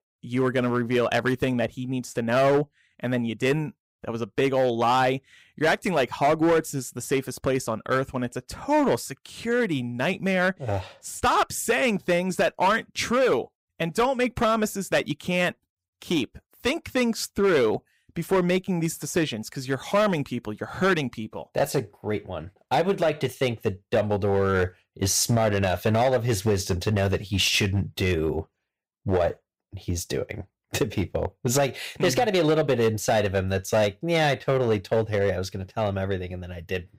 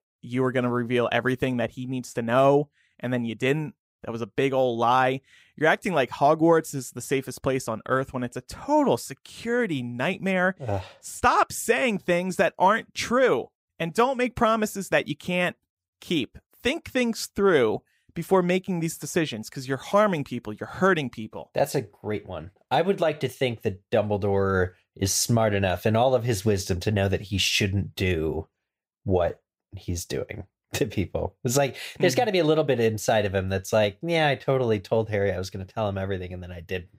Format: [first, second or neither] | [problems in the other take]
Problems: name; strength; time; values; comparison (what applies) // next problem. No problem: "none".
second | distortion; slight; 5% of the sound clipped